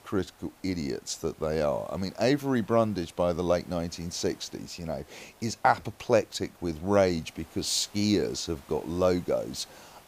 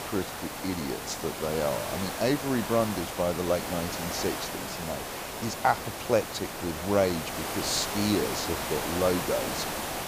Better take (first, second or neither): first